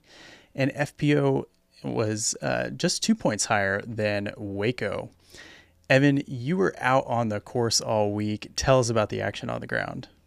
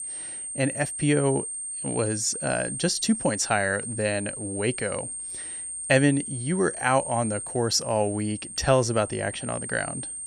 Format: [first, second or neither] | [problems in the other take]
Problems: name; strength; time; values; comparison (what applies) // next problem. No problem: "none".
first | high-pitched whine; loud; throughout; 8.5 kHz, 6 dB below the speech